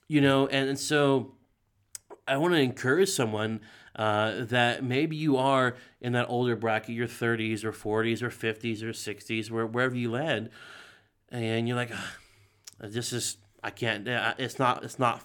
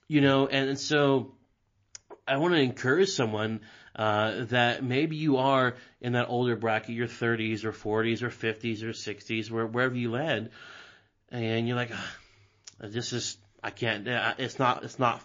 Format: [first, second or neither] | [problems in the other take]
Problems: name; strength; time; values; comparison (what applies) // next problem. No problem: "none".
first | garbled, watery; slightly